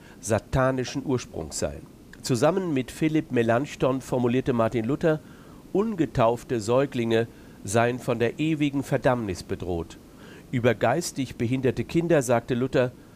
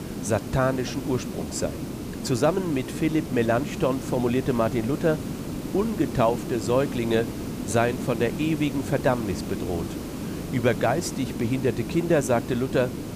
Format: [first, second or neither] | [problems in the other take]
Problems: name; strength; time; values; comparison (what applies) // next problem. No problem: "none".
first | hiss; loud; throughout; 7 dB below the speech; faint in the first